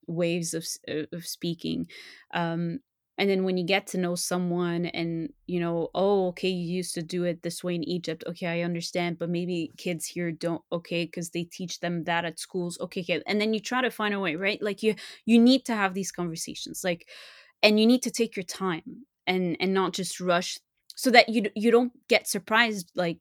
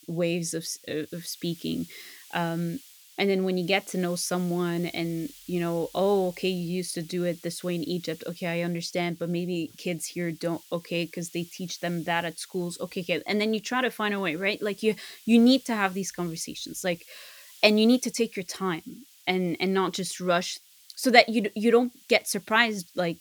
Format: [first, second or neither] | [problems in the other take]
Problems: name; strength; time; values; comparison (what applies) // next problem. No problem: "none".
first | hiss; faint; throughout; 20 dB below the speech